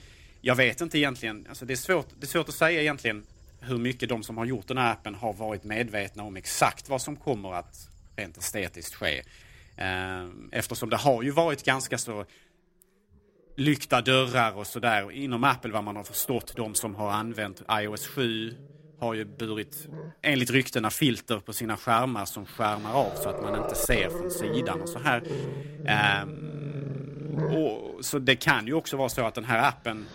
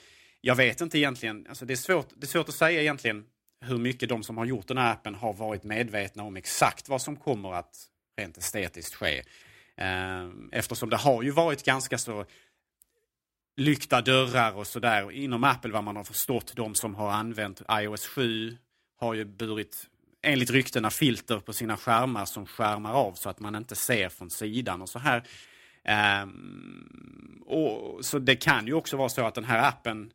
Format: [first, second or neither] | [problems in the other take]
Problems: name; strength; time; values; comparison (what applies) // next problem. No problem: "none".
second | animal sounds; loud; throughout; 8 dB below the speech